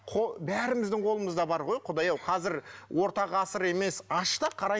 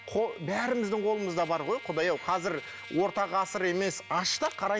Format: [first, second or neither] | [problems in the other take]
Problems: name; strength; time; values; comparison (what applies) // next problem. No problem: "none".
first | background sound (Trumpet); 16 dB below the speech